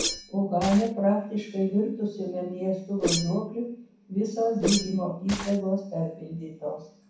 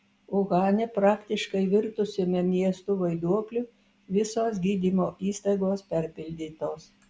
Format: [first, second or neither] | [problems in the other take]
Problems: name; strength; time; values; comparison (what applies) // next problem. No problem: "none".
second | background sound (Whoosh, swoosh, swish); 8 dB below the speech // room echo; dies away in 0.6 s